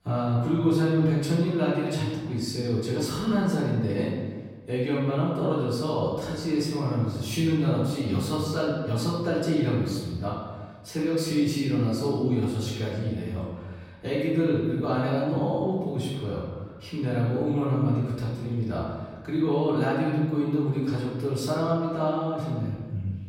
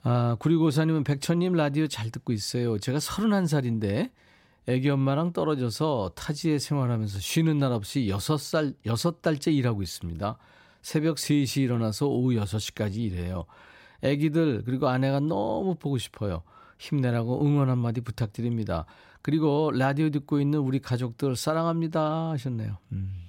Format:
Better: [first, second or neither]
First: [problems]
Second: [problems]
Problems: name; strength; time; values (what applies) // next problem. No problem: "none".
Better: second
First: off-mic speech; far // room echo; noticeable; dies away in 1.3 s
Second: none